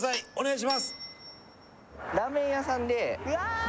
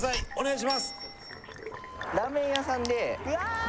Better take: first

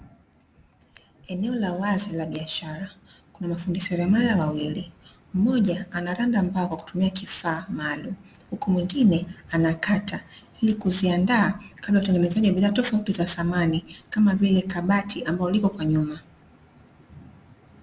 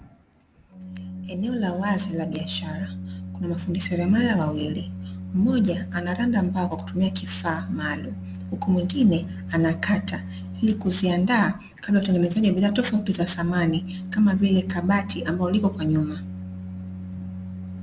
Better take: first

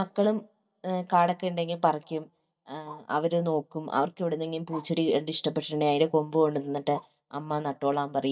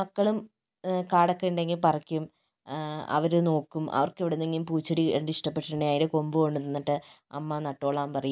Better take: second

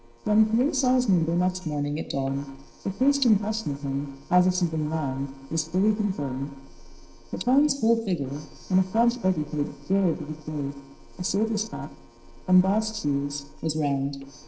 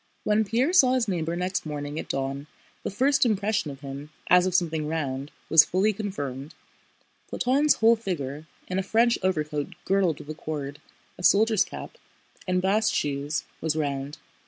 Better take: second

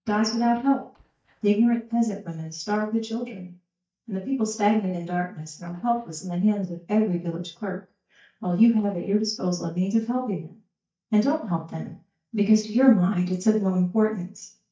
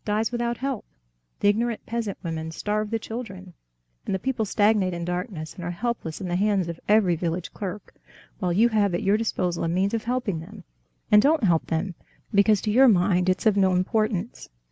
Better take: second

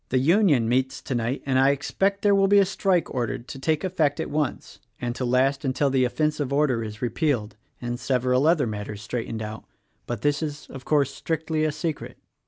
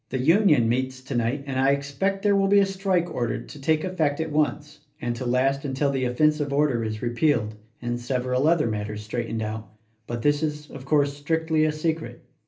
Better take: first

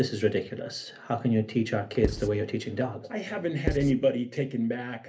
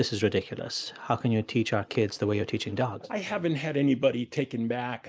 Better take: second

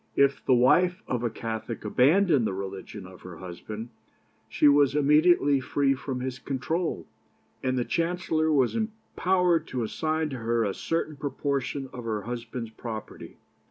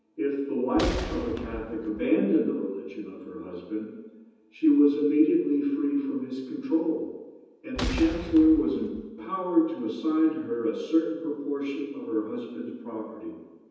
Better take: first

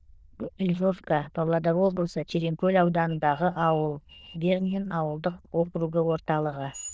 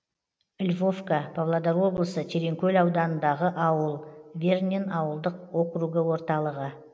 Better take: second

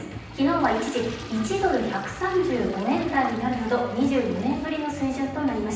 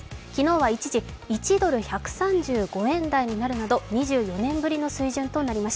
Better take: second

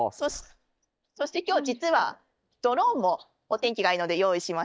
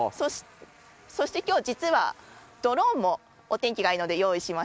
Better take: second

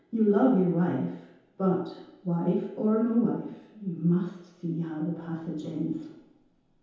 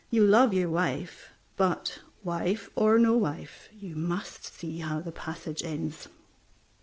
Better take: second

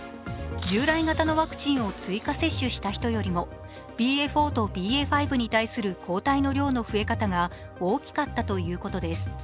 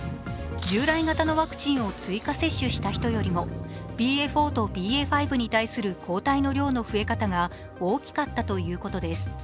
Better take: first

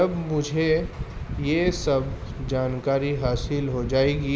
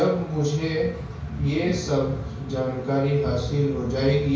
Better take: first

